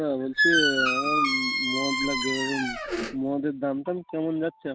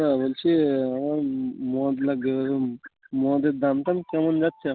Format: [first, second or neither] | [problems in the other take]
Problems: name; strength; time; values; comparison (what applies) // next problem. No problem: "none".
second | background sound (Squeak); 3 dB above the speech